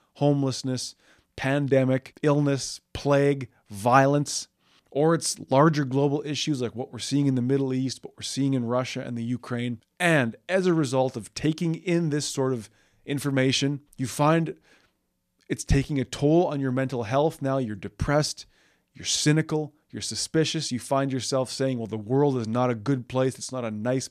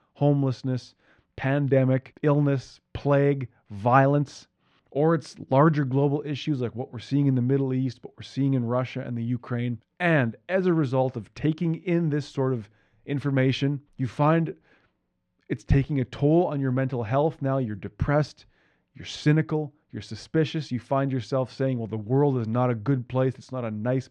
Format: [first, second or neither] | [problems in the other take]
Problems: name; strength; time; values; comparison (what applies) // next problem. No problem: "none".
first | muffled; slightly; fading above 2.5 kHz